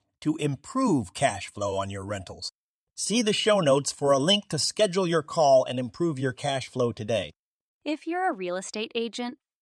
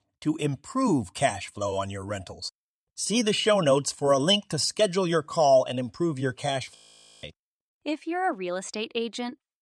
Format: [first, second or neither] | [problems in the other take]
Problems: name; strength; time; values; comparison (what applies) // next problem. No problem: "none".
first | audio freezing; at 7 s